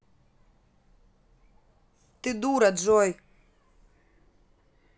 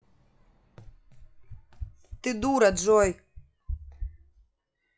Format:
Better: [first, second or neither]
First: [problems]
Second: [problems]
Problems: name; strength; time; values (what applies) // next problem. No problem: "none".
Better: first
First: none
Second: noise reduction (classical method log-MMSE)